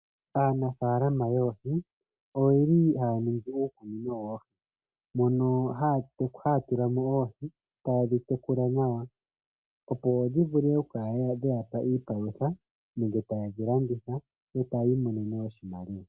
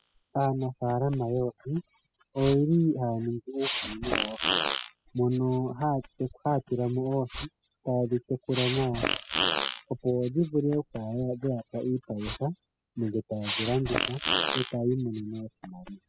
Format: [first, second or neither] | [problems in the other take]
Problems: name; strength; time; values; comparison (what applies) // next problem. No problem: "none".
first | noise reduction (classical method spectral subtraction)